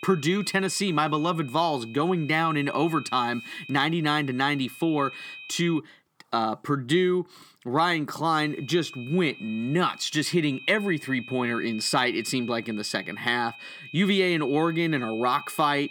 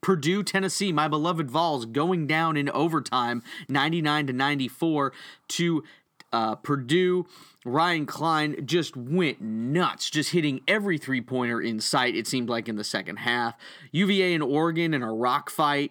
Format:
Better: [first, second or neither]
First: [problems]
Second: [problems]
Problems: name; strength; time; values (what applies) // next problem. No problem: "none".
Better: second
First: high-pitched whine; noticeable; until 6 s and from 8.5 s on; 2.5 kHz, 15 dB below the speech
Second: none